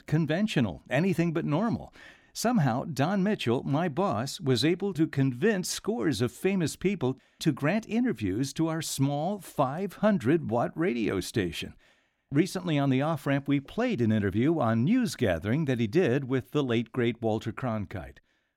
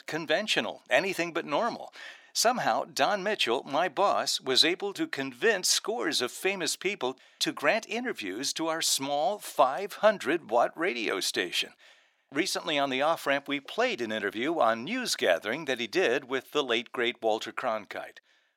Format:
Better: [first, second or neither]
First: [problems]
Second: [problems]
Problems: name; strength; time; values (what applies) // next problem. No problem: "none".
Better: first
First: none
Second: thin; very; fading below 600 Hz